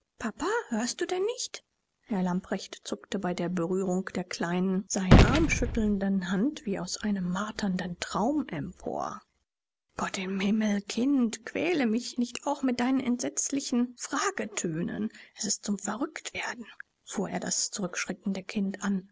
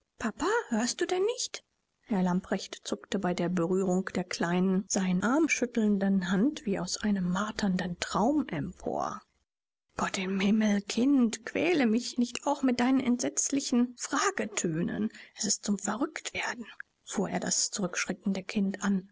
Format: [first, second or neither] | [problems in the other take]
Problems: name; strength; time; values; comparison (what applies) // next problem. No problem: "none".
second | background sound (Gunshot, gunfire); 4 dB above the speech